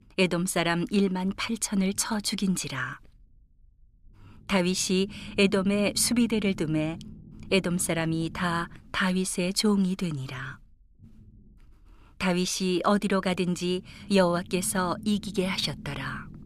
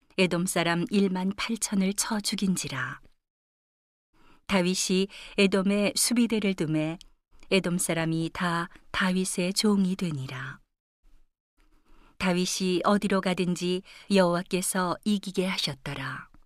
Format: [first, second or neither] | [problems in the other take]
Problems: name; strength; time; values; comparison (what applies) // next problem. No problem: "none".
second | low rumble; faint; throughout; 25 dB below the speech